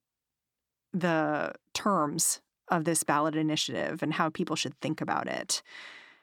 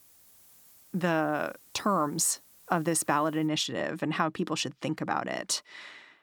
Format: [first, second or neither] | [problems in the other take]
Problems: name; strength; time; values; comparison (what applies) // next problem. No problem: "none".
first | hiss; faint; until 3.5 s; 25 dB below the speech